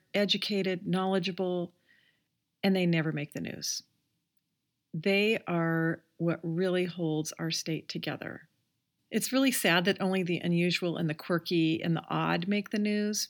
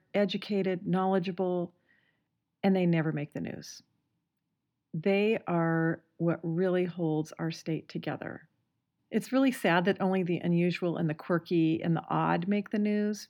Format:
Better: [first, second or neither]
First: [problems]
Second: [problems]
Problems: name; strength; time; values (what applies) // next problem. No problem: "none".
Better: first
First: none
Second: muffled; slightly; fading above 2.5 kHz